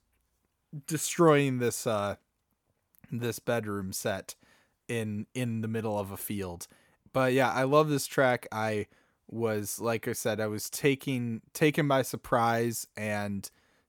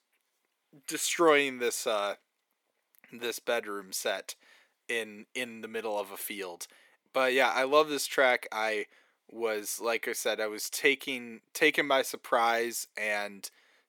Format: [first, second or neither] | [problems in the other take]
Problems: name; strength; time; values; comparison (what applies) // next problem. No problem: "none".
first | thin; somewhat; fading below 350 Hz